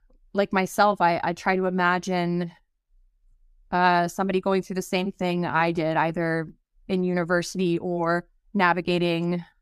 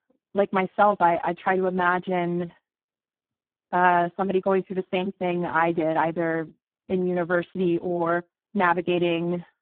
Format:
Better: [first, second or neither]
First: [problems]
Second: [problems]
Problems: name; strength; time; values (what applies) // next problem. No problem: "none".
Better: first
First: none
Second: phone-call audio; poor line